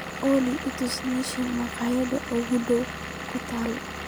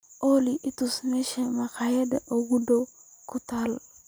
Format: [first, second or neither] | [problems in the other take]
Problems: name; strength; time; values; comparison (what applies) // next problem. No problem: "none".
second | background sound (Engine / Vehicle); 8 dB below the speech